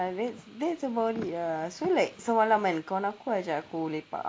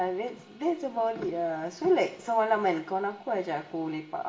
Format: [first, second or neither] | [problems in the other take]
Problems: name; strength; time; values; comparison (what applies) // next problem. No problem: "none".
first | room echo; dies away in 0.9 s